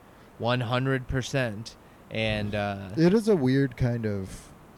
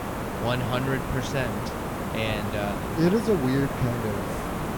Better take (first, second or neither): first